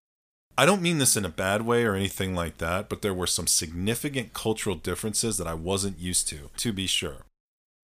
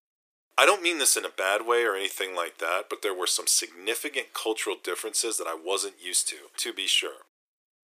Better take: first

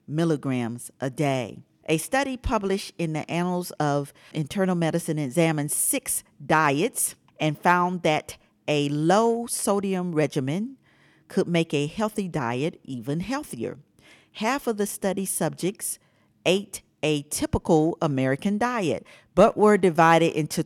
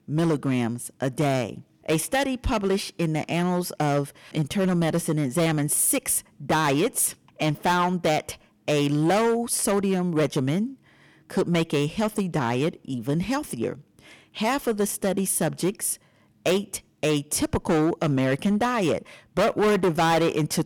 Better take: first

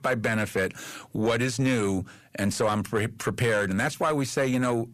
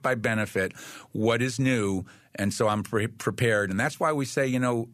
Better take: second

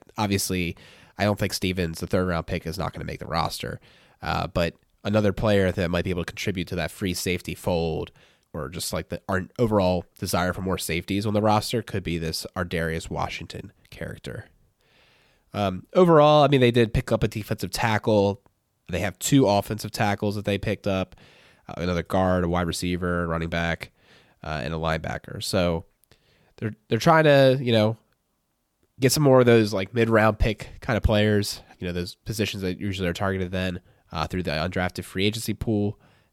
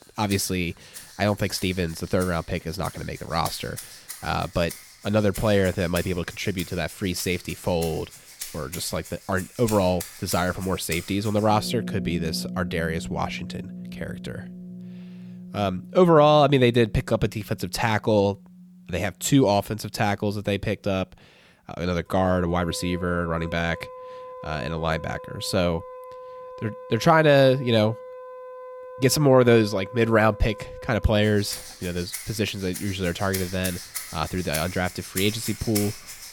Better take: first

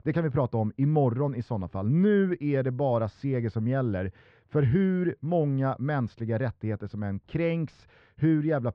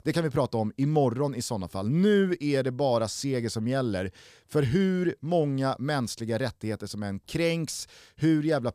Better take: second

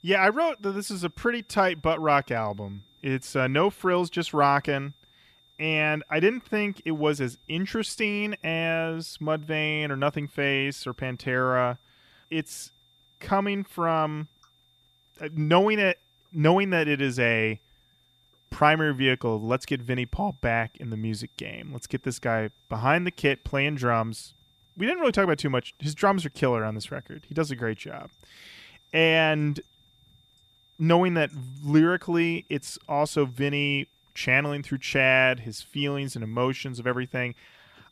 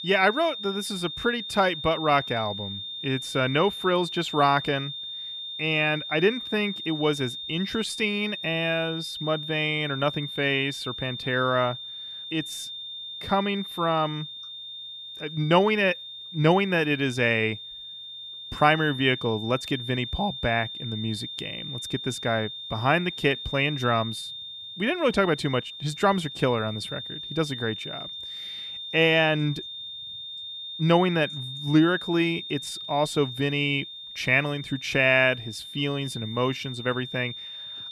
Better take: first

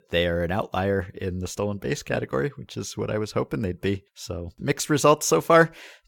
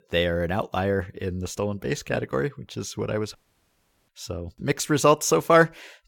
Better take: first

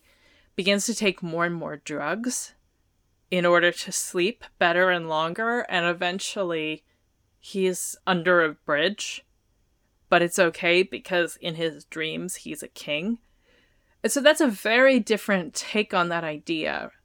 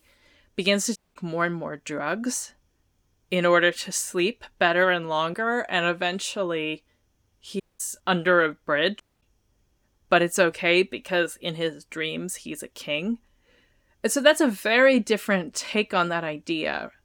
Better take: first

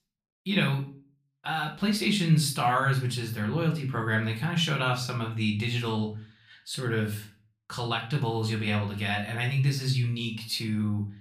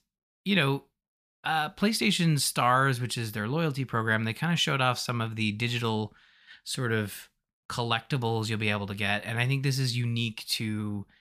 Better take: second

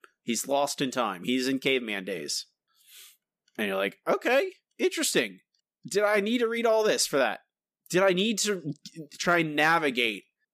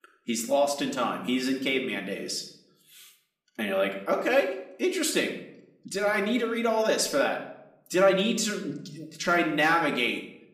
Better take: first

